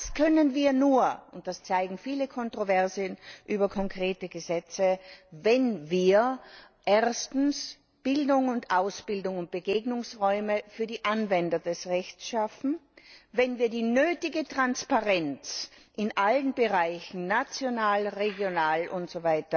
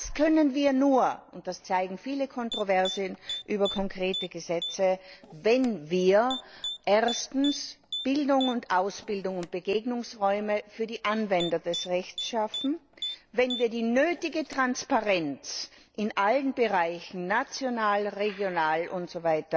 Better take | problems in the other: first | background sound (Typing); 12 dB below the speech

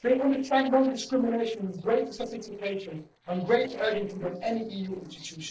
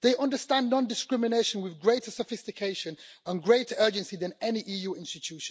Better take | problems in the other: second | noise reduction (neural separator model SepFormer DNS4)

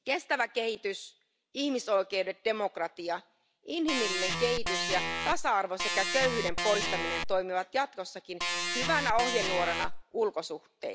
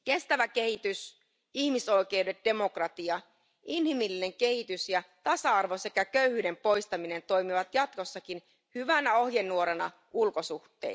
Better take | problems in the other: second | background sound (Organ); as loud as the speech

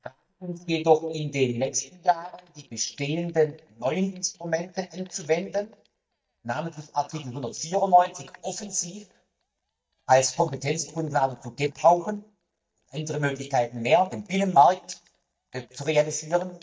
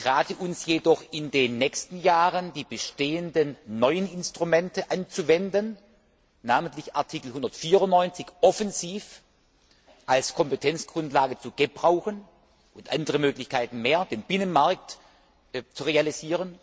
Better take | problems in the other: second | noise reduction (neural mask model DeepFilterNet 3)

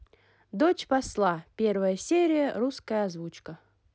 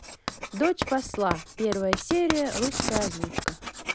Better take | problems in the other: first | background sound (Writing); 4 dB below the speech

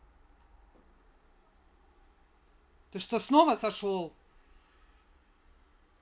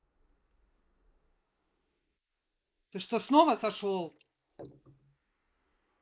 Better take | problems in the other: first | noise reduction (neural mask model Resemble Enhance denoiser)

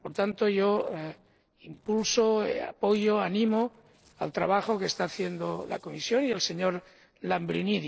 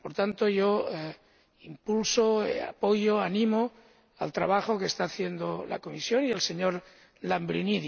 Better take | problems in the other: second | noise reduction (neural separator model SepFormer DNS4)

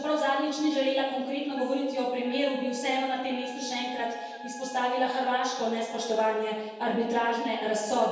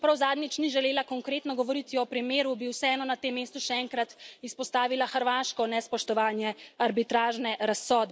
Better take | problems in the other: second | background sound (Wind instrument, woodwind instrument); 16 dB below the speech // room echo; dies away in 1.2 s

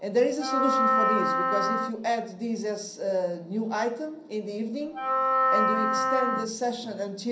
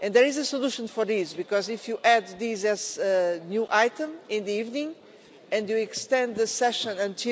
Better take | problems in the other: second | background sound (Wind instrument, woodwind instrument); 4 dB above the speech // room echo; dies away in 0.6 s

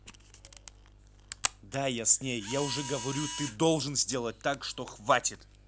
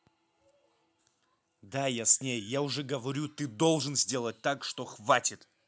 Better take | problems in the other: second | background sound (Camera); 10 dB below the speech

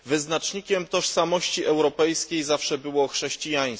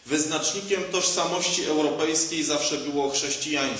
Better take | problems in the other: first | room echo; dies away in 1 s

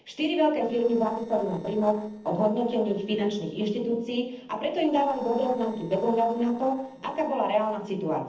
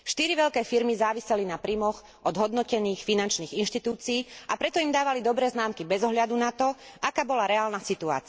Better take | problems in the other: second | noise reduction (neural separator model SepFormer DNS4)

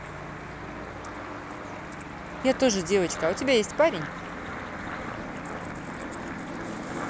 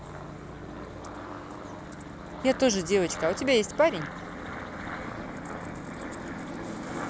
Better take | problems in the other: second | background sound (Applause); 13 dB below the speech

